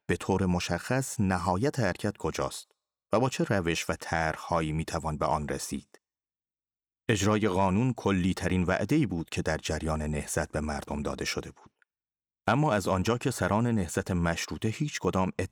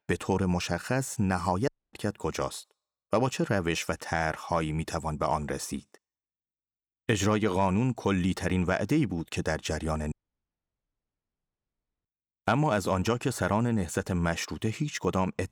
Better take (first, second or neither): first